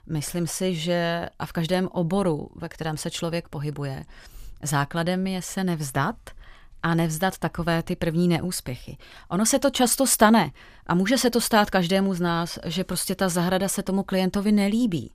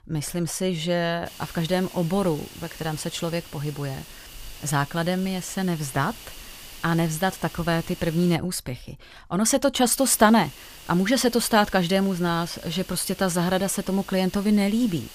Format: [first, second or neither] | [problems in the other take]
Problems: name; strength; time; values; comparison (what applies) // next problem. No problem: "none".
first | hiss; noticeable; from 1.5 to 8.5 s and from 10 s on; 20 dB below the speech